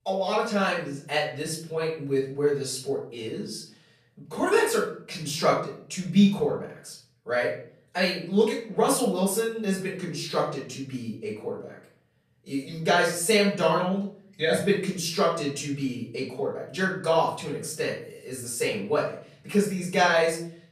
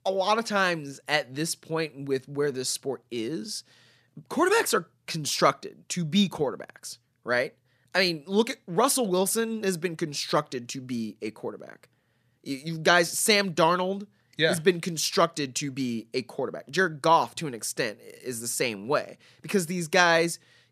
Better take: second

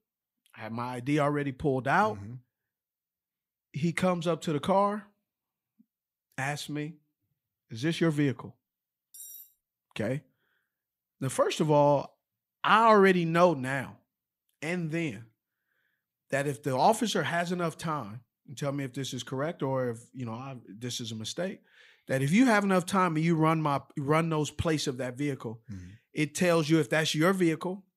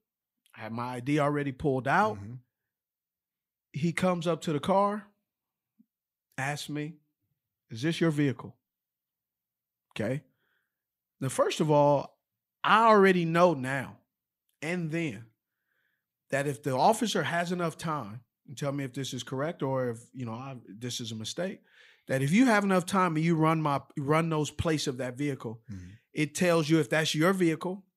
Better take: second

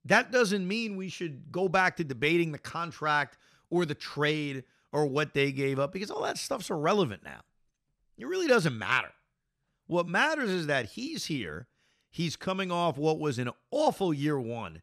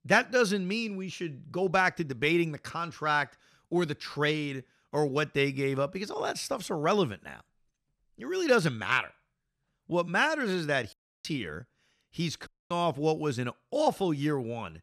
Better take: first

